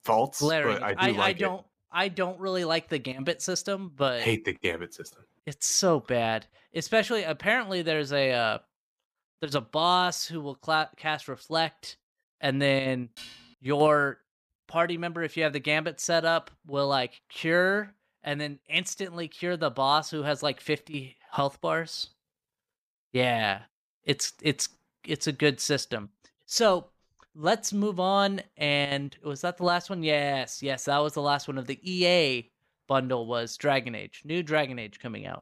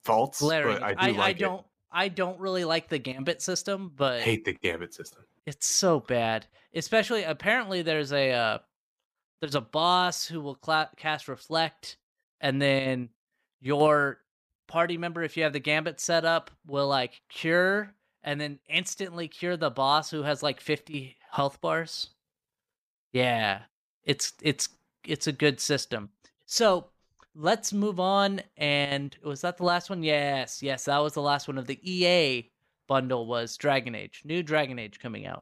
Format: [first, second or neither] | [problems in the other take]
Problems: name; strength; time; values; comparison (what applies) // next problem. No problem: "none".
second | clattering dishes; faint; at 13 s; peak 15 dB below the speech